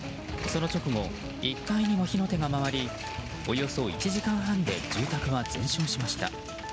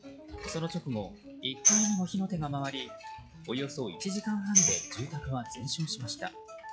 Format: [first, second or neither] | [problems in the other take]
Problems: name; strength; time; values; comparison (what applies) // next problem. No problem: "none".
first | noise reduction (classical method log-MMSE)